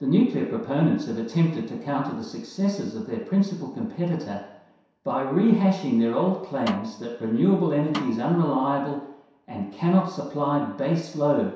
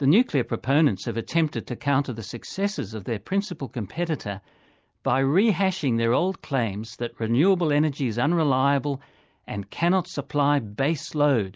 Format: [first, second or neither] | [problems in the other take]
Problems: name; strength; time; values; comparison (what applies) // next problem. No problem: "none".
second | background sound (Snare drum); 15 dB below the speech // room echo; dies away in 0.7 s